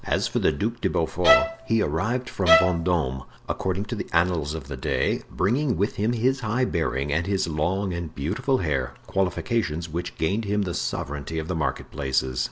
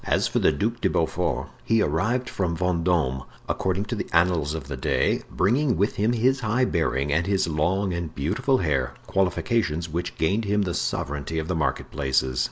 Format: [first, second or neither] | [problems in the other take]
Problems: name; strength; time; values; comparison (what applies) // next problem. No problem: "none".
second | background sound (Bowed string instrument); 2 dB above the speech